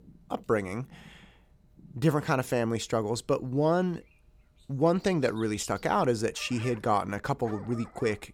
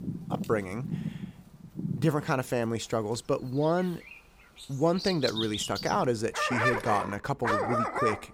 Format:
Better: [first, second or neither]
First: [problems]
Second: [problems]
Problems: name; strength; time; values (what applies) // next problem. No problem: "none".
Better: first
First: animal sounds; faint; throughout; 25 dB below the speech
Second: animal sounds; loud; throughout; 3 dB below the speech